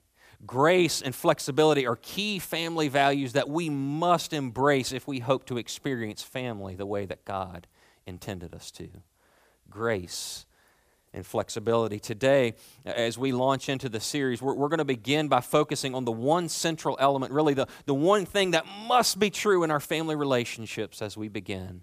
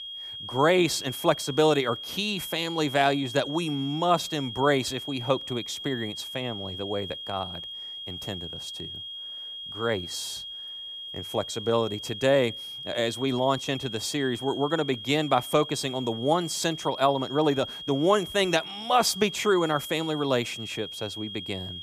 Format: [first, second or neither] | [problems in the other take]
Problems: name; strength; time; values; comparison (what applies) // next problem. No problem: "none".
first | high-pitched whine; loud; throughout; 3.5 kHz, 9 dB below the speech